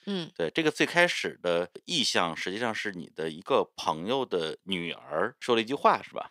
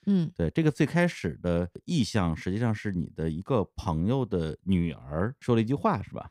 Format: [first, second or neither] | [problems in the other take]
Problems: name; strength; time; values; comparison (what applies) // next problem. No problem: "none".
second | thin; somewhat; fading below 450 Hz